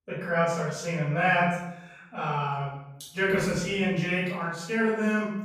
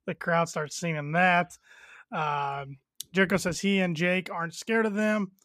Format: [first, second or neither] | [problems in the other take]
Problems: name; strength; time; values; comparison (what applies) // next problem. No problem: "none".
second | off-mic speech; far // room echo; noticeable; dies away in 0.7 s